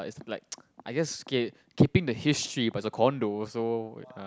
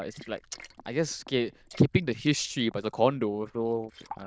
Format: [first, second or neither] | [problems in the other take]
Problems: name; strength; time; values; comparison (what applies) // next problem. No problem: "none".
first | noise reduction (neural diffusion model UNIVERSE++)